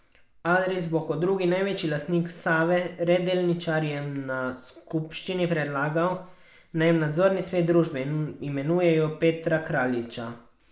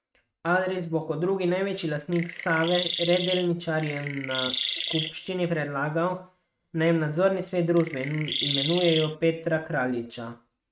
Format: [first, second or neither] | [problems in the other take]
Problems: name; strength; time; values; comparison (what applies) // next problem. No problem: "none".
first | noise reduction (neural mask model RNNoise)